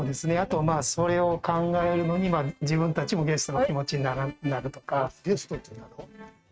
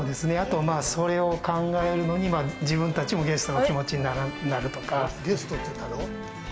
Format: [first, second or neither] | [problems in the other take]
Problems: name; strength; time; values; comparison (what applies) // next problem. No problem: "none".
second | noise reduction (neural mask model RNNoise)